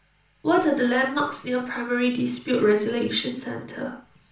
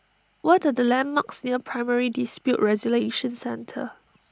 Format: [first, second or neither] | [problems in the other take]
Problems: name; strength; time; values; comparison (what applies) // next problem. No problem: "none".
second | room echo; dies away in 0.3 s